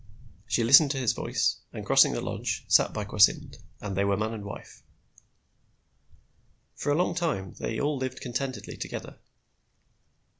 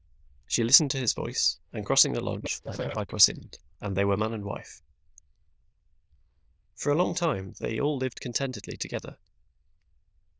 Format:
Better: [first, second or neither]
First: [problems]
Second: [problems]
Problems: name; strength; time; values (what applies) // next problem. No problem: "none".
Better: first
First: none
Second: noise reduction (neural diffusion model UNIVERSE++)